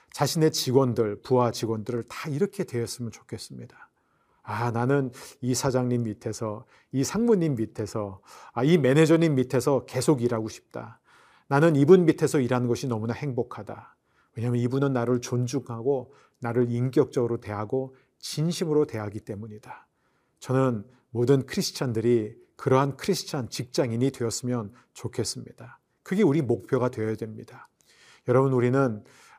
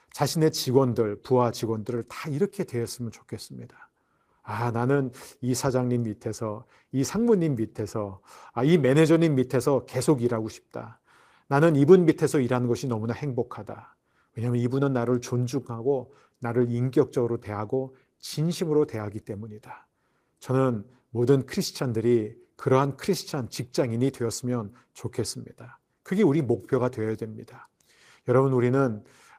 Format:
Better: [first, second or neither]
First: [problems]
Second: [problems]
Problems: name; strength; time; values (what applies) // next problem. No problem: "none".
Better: first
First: none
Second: garbled, watery; slightly; nothing above 15 kHz